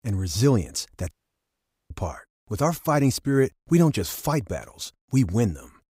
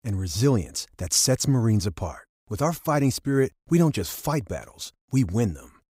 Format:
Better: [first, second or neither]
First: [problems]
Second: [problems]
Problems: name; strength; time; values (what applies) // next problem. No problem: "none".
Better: second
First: audio cutting out; at 1 s for 1 s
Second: none